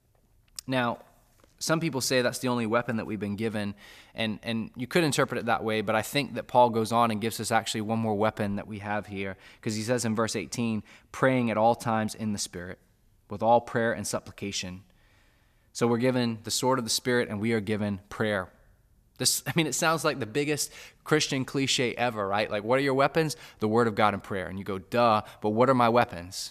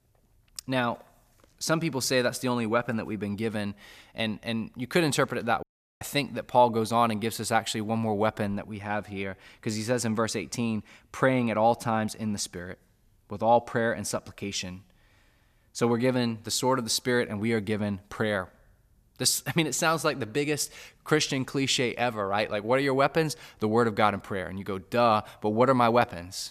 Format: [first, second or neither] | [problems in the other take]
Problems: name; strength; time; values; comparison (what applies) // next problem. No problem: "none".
first | audio cutting out; at 5.5 s